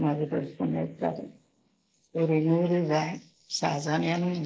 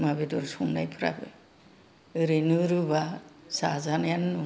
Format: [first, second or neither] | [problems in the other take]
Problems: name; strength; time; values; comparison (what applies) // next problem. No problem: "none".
second | noise reduction (neural mask model Resemble Enhance denoiser)